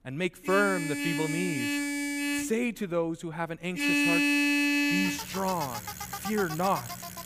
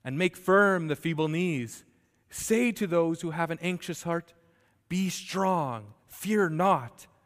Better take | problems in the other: second | traffic noise; very loud; throughout; 3 dB above the speech

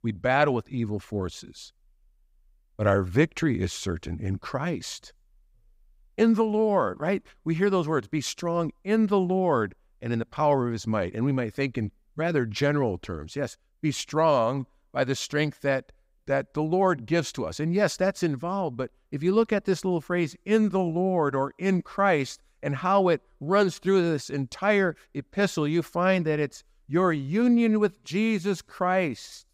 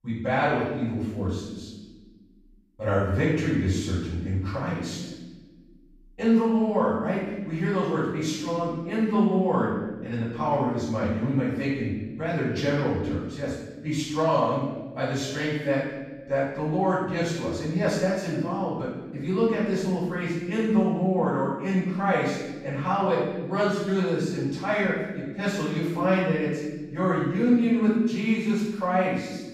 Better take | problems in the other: first | room echo; strong; dies away in 1.1 s // off-mic speech; far

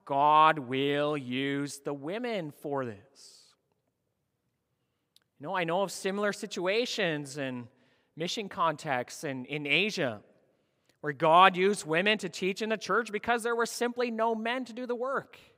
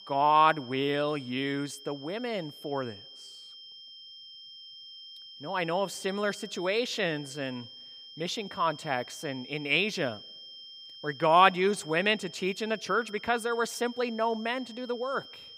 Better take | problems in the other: first | high-pitched whine; noticeable; throughout; 3 kHz, 15 dB below the speech

